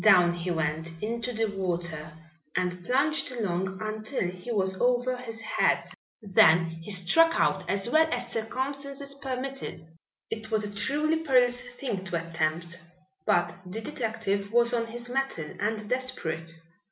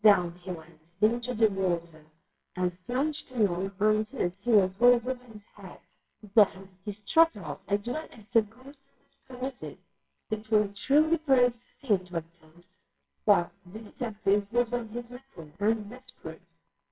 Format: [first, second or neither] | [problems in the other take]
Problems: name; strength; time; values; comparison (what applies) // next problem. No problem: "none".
first | noise reduction (neural separator model SepFormer WHAMR!)